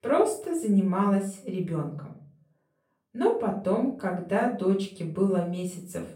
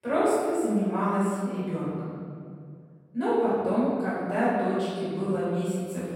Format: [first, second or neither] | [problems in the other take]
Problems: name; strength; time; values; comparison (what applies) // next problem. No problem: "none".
first | room echo; strong; dies away in 2.1 s; slight in the first // off-mic speech; far; far in the first